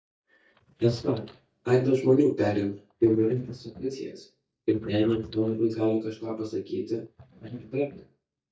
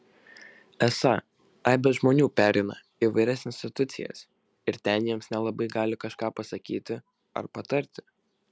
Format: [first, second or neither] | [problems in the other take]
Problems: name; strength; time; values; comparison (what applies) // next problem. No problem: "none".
second | noise reduction (neural mask model DeepFilterNet 3)